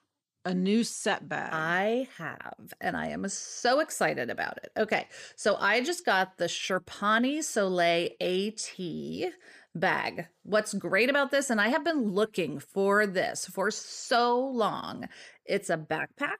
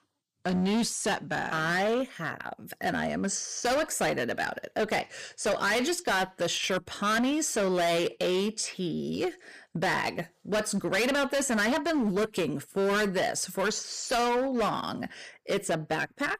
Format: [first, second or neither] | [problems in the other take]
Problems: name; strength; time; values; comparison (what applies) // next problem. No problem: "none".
first | distortion; heavy; 17% of the sound clipped